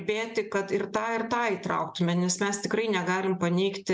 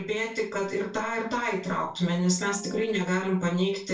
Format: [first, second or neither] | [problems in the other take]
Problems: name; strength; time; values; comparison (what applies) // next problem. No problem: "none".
first | noise reduction (neural separator model SepFormer DNS4)